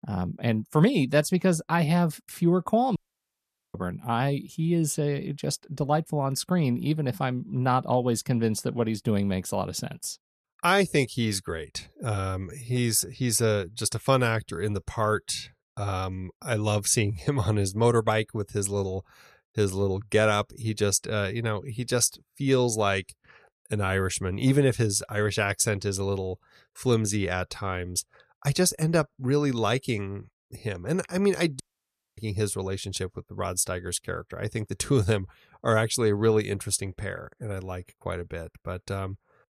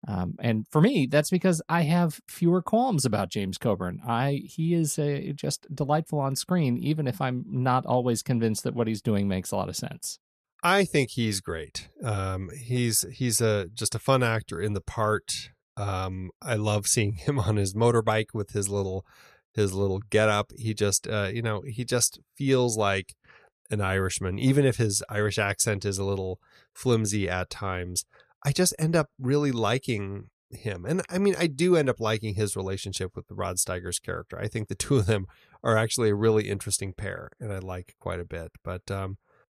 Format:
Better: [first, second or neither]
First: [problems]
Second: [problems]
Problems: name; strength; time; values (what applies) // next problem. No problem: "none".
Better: second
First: audio cutting out; at 3 s for 1 s and at 32 s for 0.5 s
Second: none